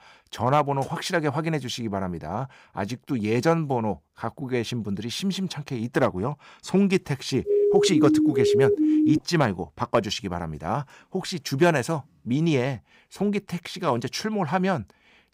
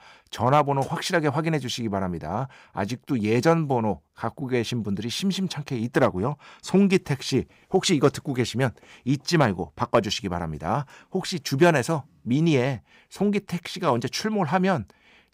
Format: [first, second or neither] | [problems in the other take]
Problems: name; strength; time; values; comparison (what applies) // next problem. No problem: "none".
second | siren; loud; from 7.5 to 9 s; peak 6 dB above the speech